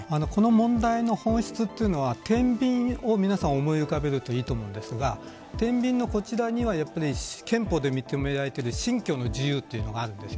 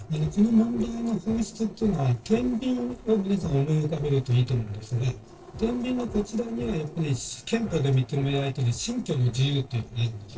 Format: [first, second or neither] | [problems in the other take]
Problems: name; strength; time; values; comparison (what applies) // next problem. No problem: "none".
first | noise reduction (neural separator model SepFormer DNS4)